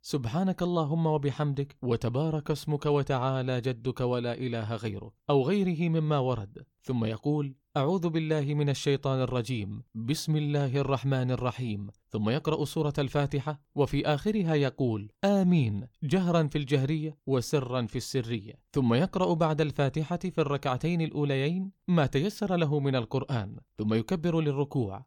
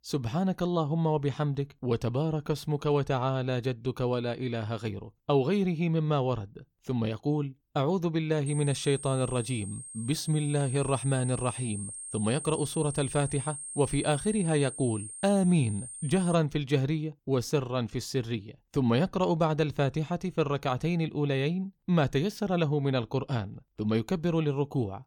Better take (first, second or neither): first